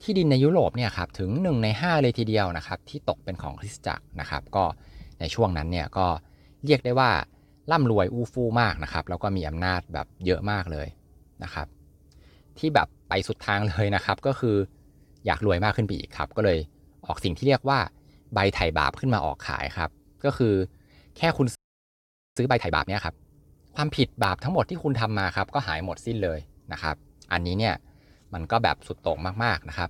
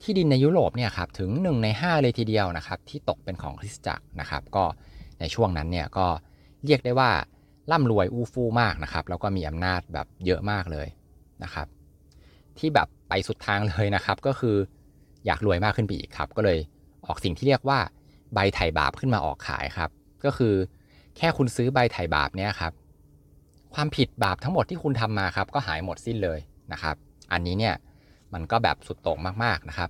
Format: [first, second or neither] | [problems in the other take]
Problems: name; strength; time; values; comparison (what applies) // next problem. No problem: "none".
second | audio freezing; at 22 s for 1 s